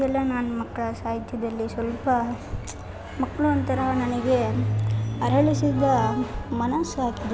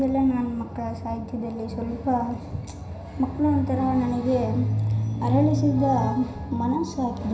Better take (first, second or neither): first